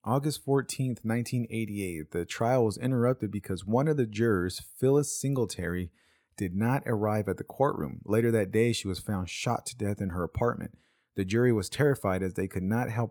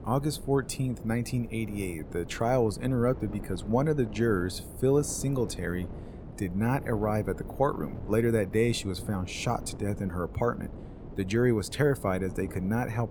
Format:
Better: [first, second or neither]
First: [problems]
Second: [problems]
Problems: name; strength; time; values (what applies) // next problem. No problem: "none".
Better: first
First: none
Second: wind noise on the microphone; occasional gusts; 15 dB below the speech